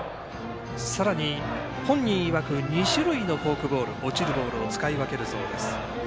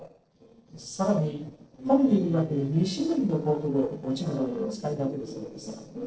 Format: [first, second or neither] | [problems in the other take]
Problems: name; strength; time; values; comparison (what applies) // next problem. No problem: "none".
first | noise reduction (neural separator model SepFormer DNS4)